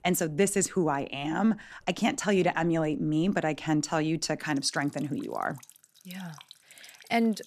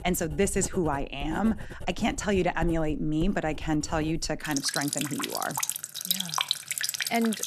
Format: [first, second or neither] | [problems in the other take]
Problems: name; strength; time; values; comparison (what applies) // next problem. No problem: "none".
first | household noises; loud; throughout; 4 dB below the speech; faint in the first